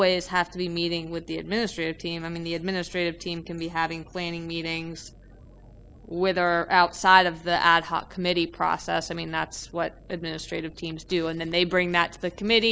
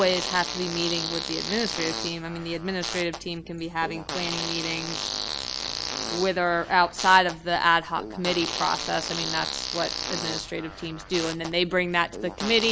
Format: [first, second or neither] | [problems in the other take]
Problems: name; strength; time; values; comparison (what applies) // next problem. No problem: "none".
first | background sound (Fart); 6 dB below the speech